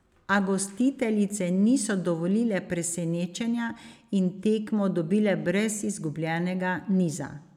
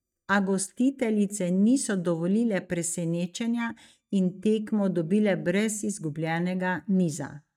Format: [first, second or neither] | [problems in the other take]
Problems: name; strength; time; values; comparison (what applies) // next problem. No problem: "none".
first | noise reduction (neural mask model DeepFilterNet 3)